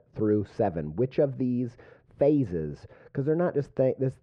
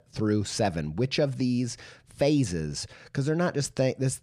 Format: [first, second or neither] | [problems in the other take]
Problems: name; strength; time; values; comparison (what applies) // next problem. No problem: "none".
second | muffled; very; fading above 3.5 kHz